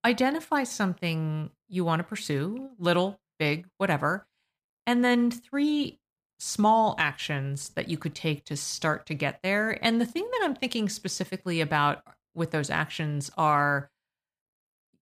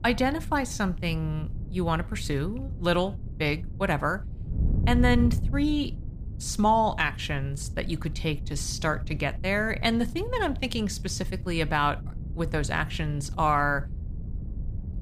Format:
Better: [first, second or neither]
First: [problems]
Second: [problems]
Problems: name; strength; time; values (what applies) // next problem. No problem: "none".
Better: first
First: none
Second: wind noise on the microphone; occasional gusts; 20 dB below the speech